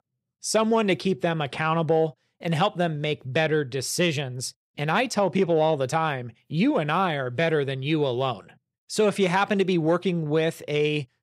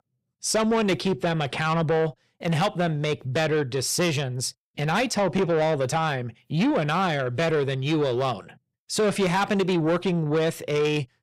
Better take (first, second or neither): first